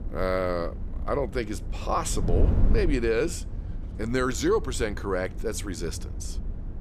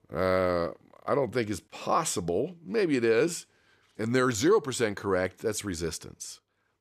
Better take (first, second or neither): second